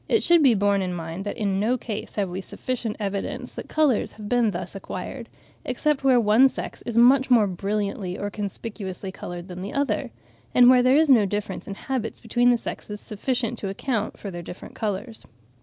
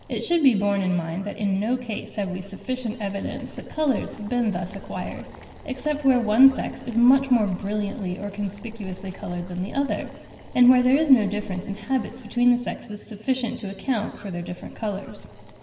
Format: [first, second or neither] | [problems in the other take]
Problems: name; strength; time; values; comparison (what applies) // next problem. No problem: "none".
first | background sound (Boiling); 19 dB below the speech // room echo; dies away in 2 s